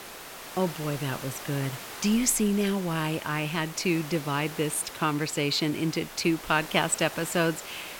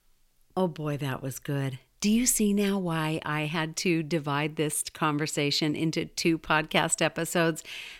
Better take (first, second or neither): second